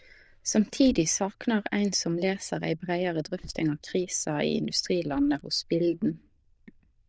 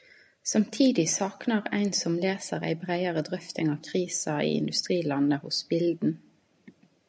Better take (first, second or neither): second